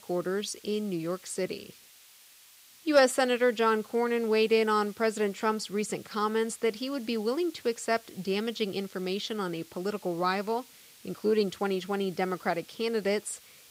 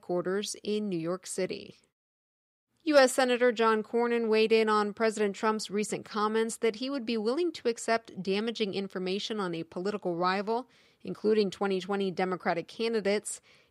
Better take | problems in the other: second | hiss; faint; throughout; 25 dB below the speech

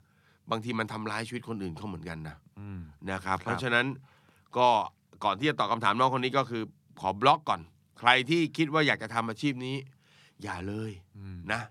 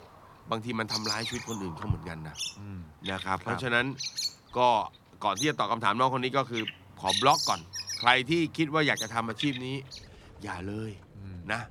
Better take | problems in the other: first | animal sounds; loud; throughout; 5 dB below the speech

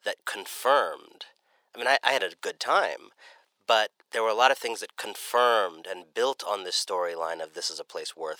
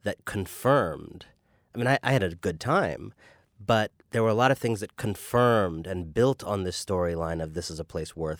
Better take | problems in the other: second | thin; very; fading below 500 Hz

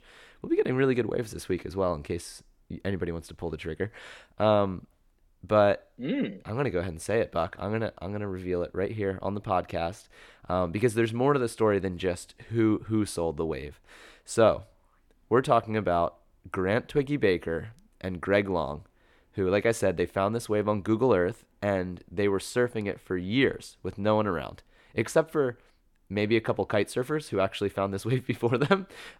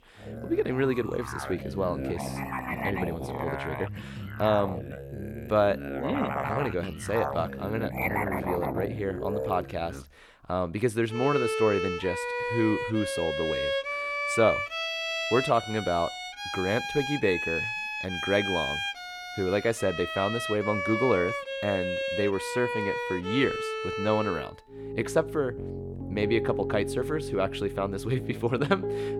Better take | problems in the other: first | background music; loud; throughout; 3 dB below the speech

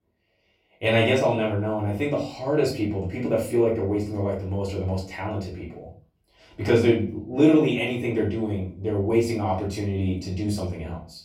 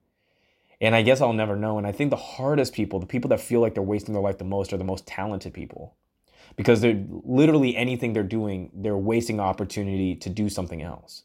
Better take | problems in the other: second | room echo; slight; dies away in 0.3 s // off-mic speech; far

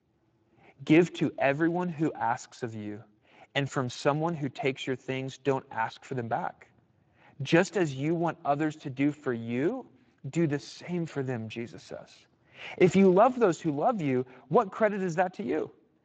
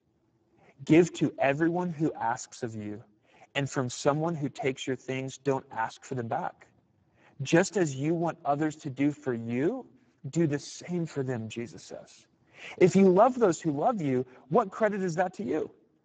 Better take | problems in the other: first | garbled, watery; badly; nothing above 7.5 kHz; slightly in the first

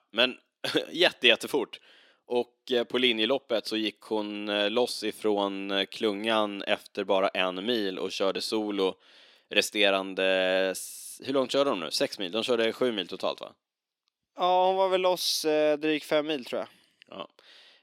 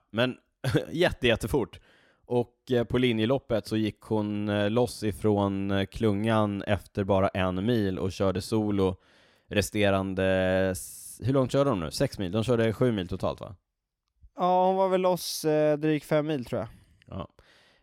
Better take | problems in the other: second | thin; somewhat; fading below 300 Hz

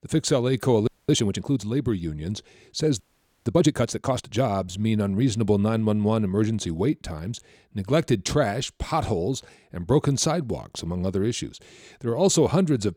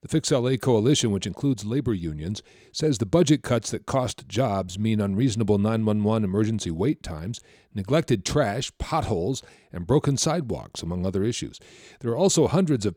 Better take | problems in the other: second | audio freezing; at 1 s and at 3 s

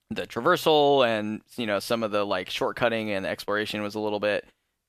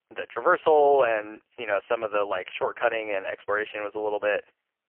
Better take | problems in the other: first | phone-call audio; poor line; nothing above 3 kHz

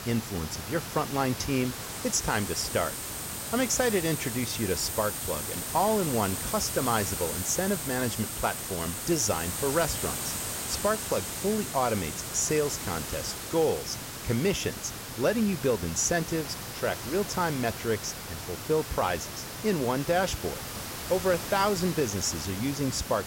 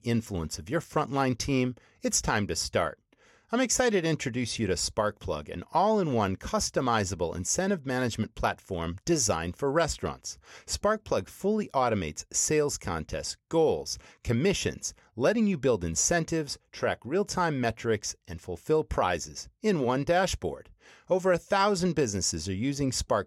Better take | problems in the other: second | hiss; loud; throughout; 5 dB below the speech

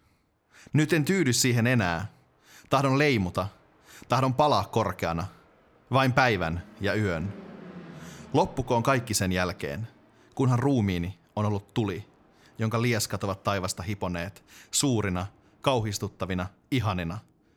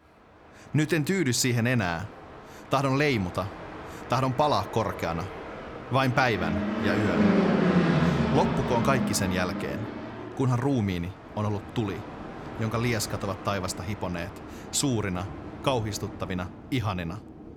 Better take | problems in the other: first | train or aircraft noise; loud; throughout; 3 dB below the speech; faint in the first

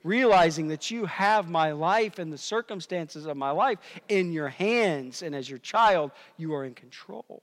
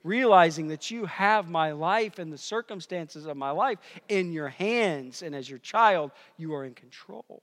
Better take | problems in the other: second | distortion; slight; 10 dB below the speech

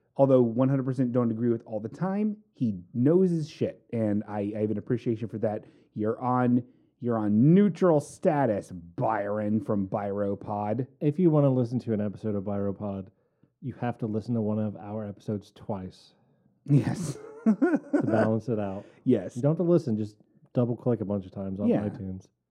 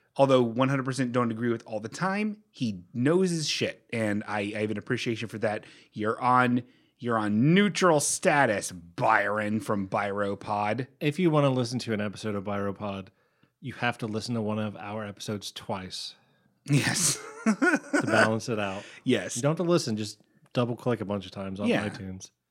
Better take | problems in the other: second | muffled; very; fading above 1 kHz

